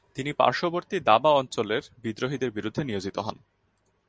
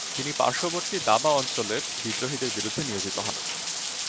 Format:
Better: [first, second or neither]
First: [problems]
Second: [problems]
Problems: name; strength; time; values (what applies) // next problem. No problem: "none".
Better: first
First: none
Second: background sound (Rain); 3 dB below the speech